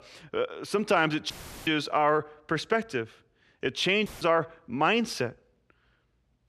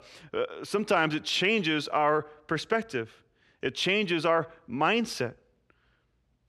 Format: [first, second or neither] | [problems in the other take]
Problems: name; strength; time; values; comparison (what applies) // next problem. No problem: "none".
second | audio cutting out; filled with static; at 1.5 s and at 4 s